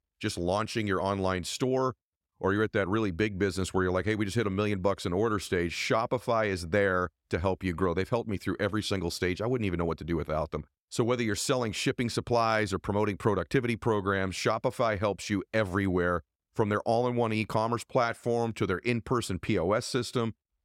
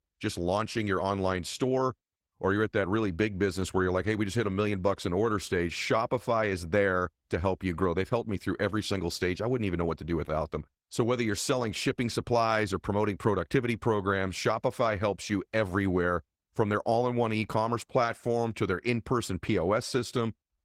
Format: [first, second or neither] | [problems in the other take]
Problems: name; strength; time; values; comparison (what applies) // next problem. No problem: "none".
first | garbled, watery; slightly; nothing above 16.5 kHz